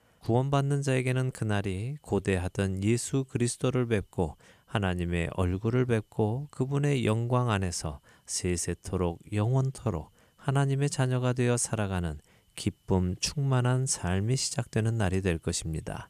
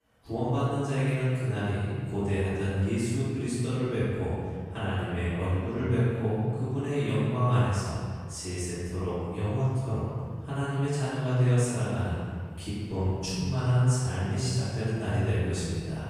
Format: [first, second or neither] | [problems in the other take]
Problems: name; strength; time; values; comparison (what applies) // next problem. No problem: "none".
first | room echo; strong; dies away in 1.8 s // off-mic speech; far